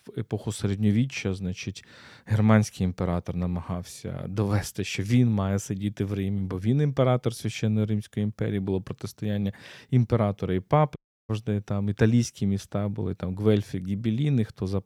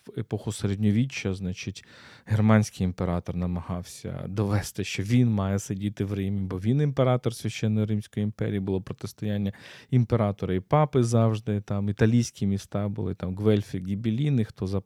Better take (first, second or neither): second